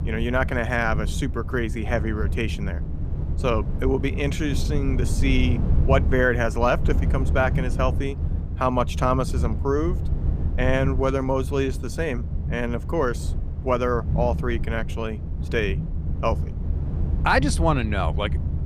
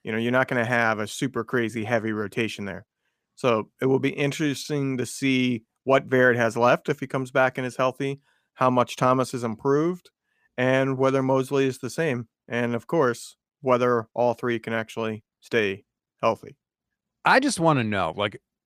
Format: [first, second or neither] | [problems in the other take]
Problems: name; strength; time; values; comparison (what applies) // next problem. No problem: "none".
second | low rumble; noticeable; throughout; 15 dB below the speech